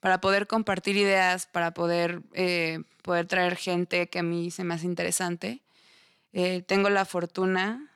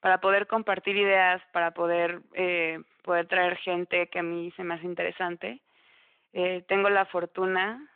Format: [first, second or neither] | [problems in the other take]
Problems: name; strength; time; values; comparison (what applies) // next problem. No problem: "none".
first | phone-call audio